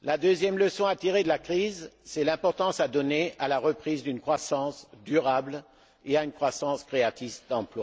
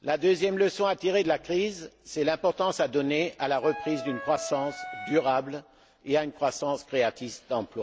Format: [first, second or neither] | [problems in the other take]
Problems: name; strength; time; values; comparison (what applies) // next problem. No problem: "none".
first | background sound (Wind instrument, woodwind instrument); 11 dB below the speech